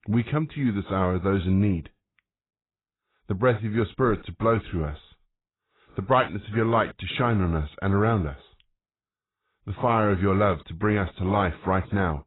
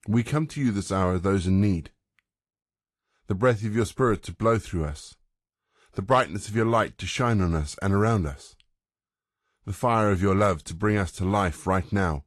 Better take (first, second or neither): second